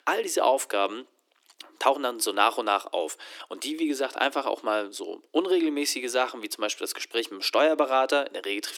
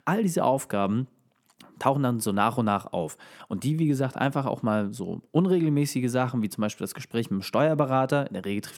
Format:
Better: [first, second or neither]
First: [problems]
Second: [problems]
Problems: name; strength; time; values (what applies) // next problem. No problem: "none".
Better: second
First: thin; somewhat; fading below 300 Hz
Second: none